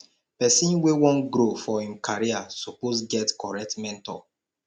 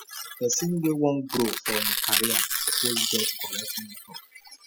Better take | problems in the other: first | noise reduction (classical method spectral subtraction)

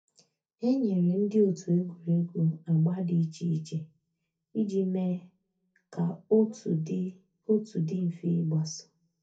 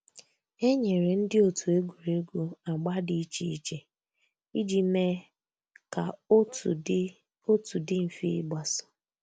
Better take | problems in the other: second | room echo; dies away in 0.3 s

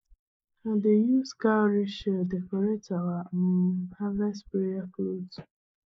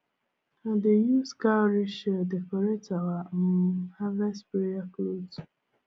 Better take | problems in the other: second | noise reduction (neural mask model Resemble Enhance denoiser)

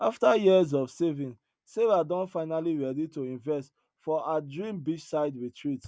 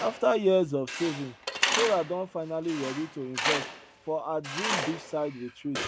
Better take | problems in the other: first | background sound (Tools); 4 dB below the speech

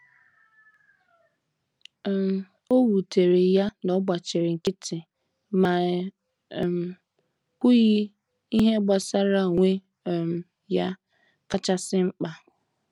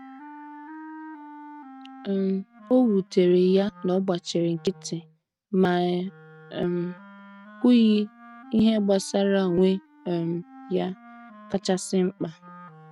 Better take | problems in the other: first | noise reduction (neural mask model RNNoise)

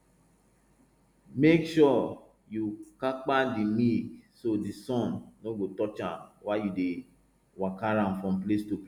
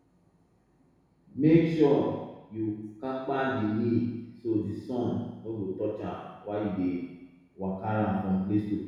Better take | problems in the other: first | room echo; dies away in 1.1 s

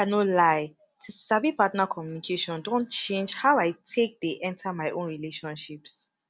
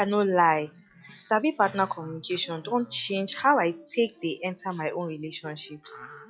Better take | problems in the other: first | noise reduction (classical method log-MMSE)

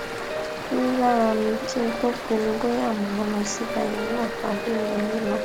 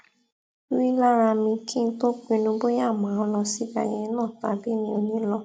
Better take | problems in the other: second | background sound (Stream + Guitar); 5 dB below the speech

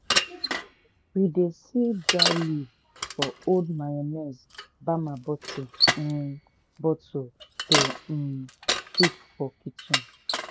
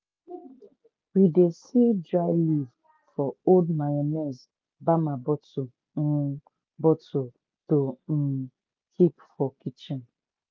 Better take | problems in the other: second | background sound (Bicycle); as loud as the speech

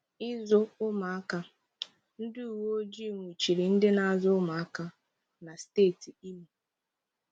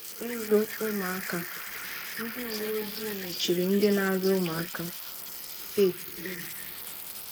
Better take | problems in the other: first | noise reduction (neural mask model Resemble Enhance denoiser)

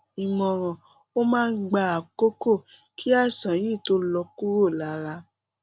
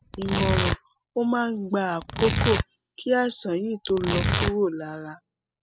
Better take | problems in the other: first | noise reduction (classical method spectral subtraction)

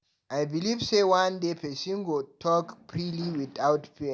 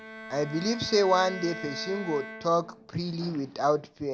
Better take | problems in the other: first | background sound (Bowed string instrument); 13 dB below the speech

